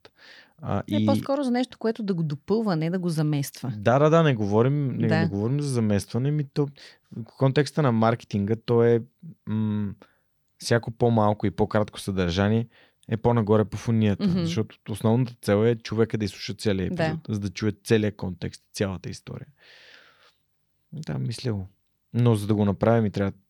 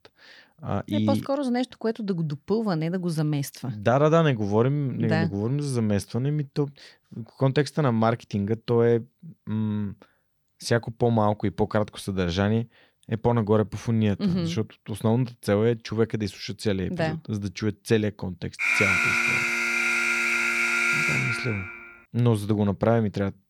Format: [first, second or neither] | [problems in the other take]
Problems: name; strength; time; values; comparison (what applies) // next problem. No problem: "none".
first | alarm; loud; from 19 to 22 s; peak 6 dB above the speech